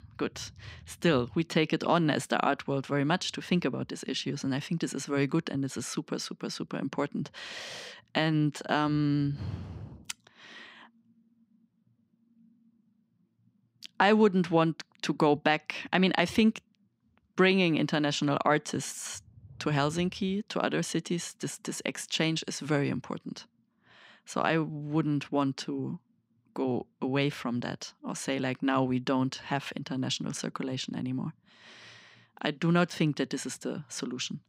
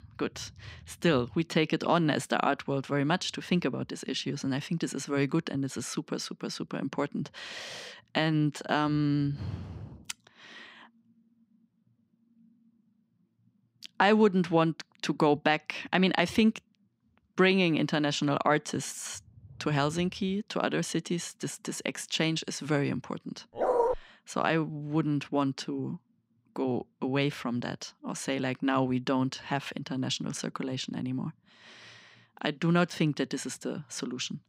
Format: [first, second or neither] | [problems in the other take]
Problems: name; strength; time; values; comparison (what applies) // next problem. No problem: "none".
first | dog barking; loud; at 24 s; peak 3 dB above the speech